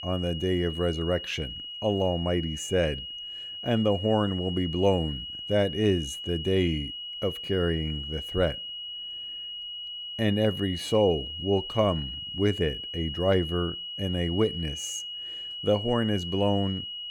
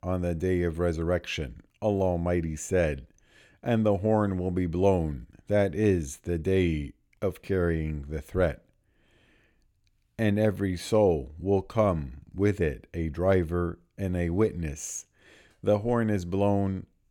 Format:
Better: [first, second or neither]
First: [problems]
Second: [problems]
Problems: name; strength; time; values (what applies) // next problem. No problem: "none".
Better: second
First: high-pitched whine; loud; throughout; 3 kHz, 7 dB below the speech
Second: none